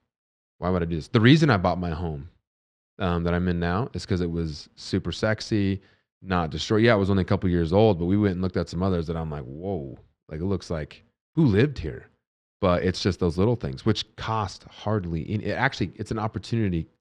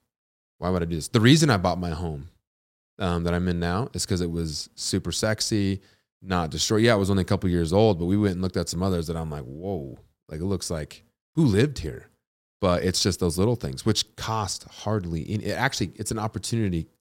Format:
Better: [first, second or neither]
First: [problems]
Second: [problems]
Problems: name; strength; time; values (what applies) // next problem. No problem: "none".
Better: second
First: muffled; slightly; fading above 3 kHz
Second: none